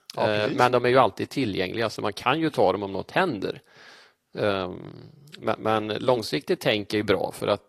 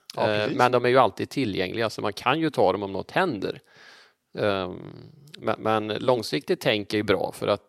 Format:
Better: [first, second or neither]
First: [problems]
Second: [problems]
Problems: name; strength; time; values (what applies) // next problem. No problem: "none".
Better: second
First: garbled, watery; slightly; nothing above 13 kHz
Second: none